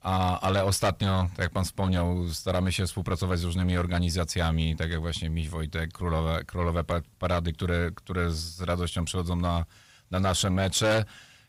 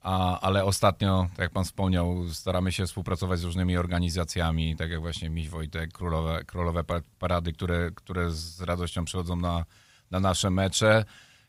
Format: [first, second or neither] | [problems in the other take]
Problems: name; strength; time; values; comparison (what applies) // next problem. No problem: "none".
second | distortion; slight; 10 dB below the speech